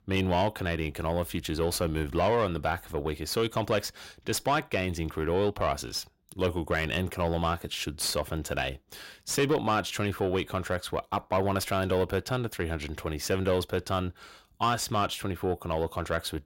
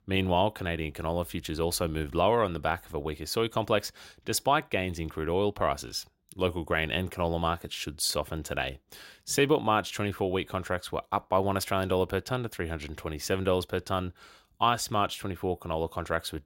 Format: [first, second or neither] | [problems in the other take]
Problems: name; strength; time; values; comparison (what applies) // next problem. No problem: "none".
second | distortion; slight; 10 dB below the speech